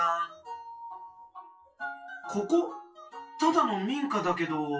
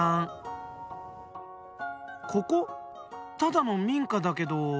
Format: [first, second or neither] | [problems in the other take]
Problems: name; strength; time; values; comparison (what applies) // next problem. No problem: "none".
second | noise reduction (classical method WPE with log-MMSE)